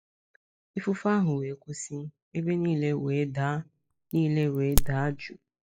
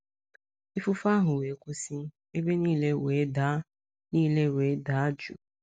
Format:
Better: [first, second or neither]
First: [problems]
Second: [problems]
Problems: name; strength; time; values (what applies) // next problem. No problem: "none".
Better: second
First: noise reduction (classical method log-MMSE)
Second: none